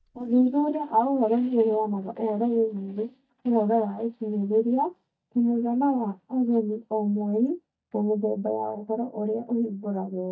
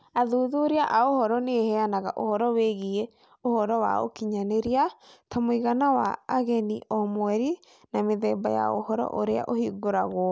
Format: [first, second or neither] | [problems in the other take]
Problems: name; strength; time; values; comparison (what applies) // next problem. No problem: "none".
second | noise reduction (neural mask model DeepFilterNet 3)